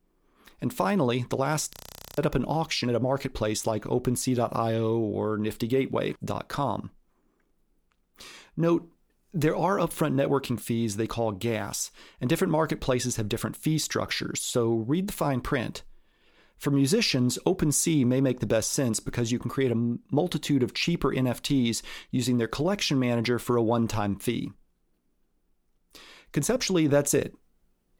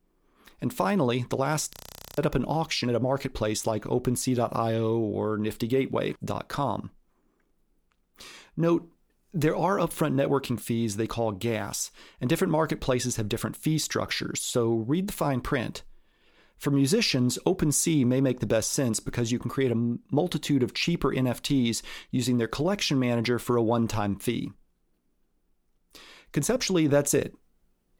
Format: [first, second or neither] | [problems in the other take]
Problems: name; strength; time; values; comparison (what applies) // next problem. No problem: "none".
neither | audio freezing; at 1.5 s; the same in both